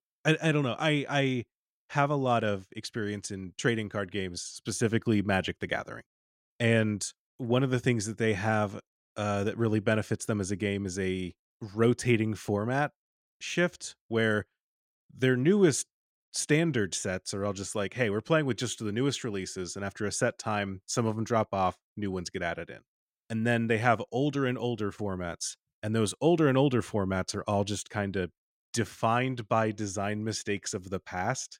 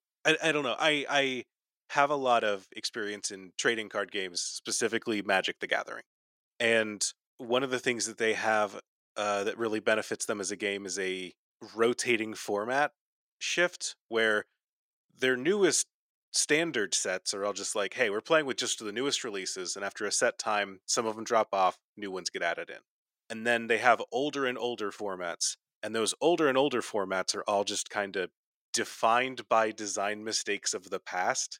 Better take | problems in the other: first | thin; somewhat; fading below 450 Hz

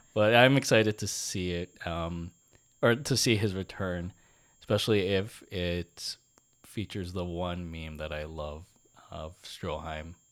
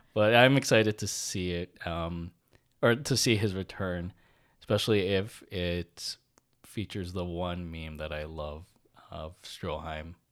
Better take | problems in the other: second | high-pitched whine; faint; throughout; 7.5 kHz, 35 dB below the speech

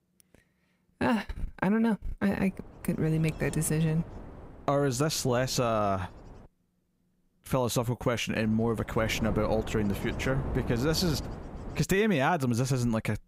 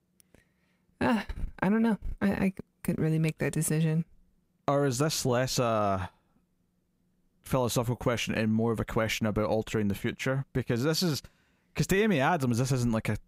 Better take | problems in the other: second | wind noise on the microphone; occasional gusts; from 2.5 to 6.5 s and from 8.5 to 12 s; 15 dB below the speech

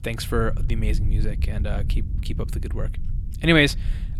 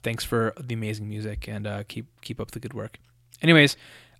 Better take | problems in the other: second | low rumble; faint; throughout; 20 dB below the speech

